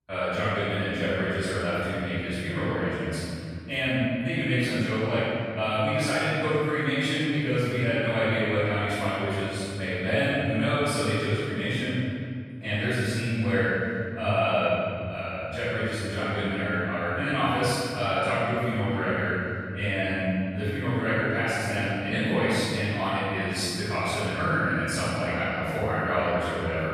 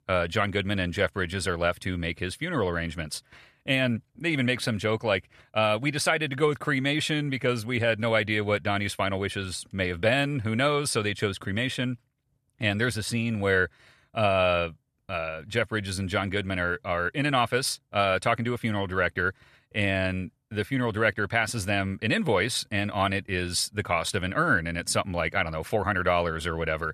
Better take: second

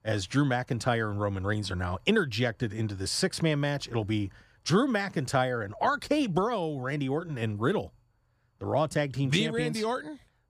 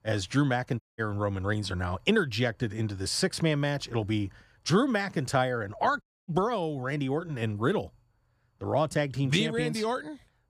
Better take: first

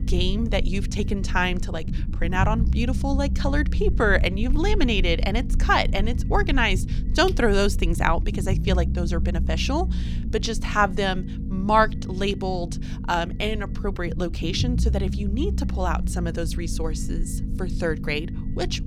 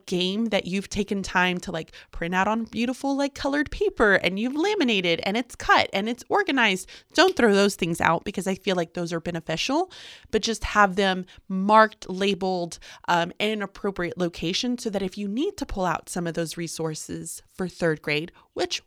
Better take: second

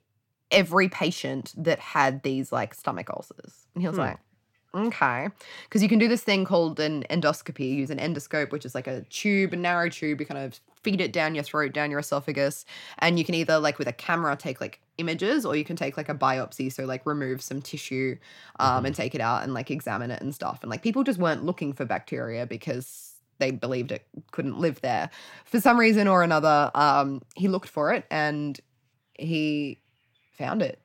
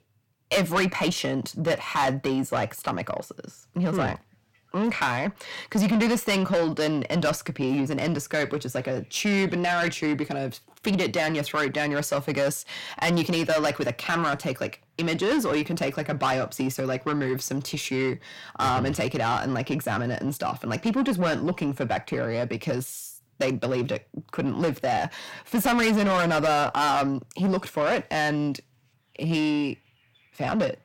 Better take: first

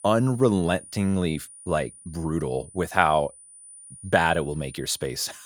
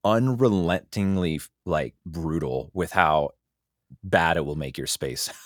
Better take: second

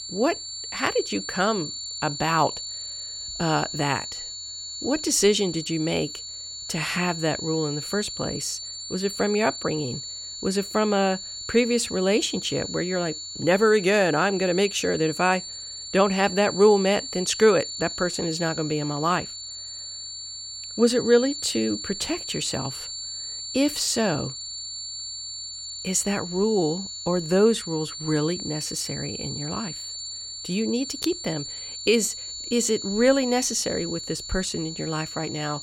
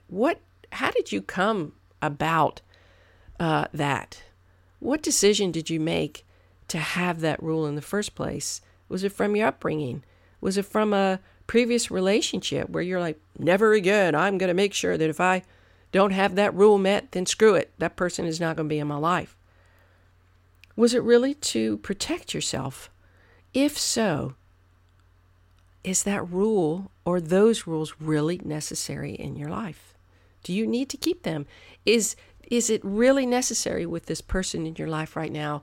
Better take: second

